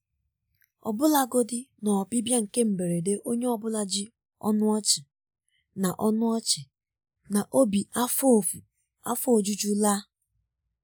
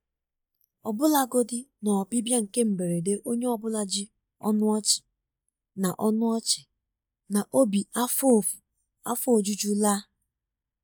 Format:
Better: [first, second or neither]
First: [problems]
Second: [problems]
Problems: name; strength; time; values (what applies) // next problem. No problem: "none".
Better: first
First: none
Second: noise reduction (neural mask model DeepFilterNet 3)